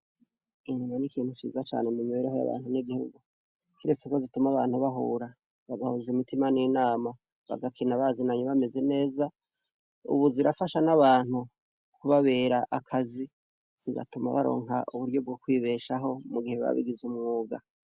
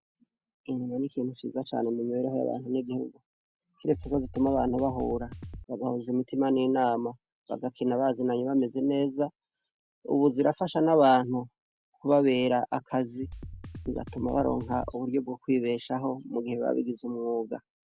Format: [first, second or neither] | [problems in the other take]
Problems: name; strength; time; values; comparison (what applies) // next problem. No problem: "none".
first | background sound (Drum kit); 12 dB below the speech